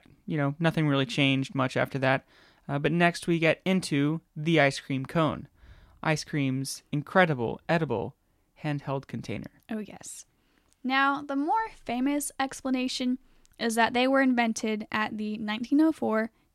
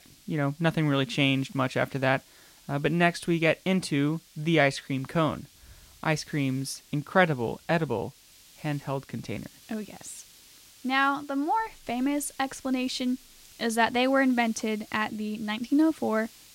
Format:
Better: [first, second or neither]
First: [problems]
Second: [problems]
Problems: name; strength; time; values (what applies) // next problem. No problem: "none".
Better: first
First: none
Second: hiss; faint; throughout; 25 dB below the speech